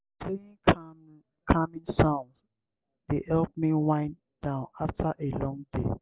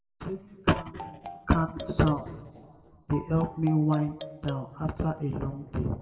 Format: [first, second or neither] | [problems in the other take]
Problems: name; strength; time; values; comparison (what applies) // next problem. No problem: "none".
first | background sound (Marimba, xylophone); 14 dB below the speech // room echo; dies away in 1.3 s